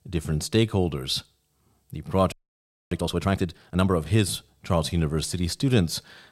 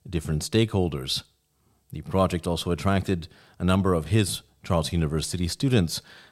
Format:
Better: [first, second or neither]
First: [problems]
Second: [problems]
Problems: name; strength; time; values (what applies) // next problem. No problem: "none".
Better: second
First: audio freezing; at 2.5 s for 0.5 s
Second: none